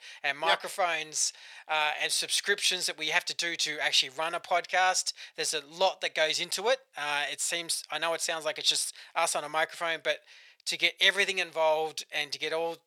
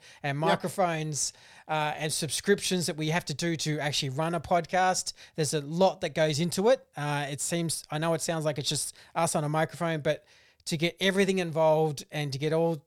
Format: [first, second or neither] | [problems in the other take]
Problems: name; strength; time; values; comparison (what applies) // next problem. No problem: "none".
second | thin; very; fading below 600 Hz